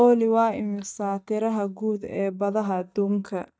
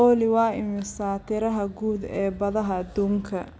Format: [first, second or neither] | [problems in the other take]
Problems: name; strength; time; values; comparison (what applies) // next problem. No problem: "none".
second | noise reduction (neural mask model DeepFilterNet 3)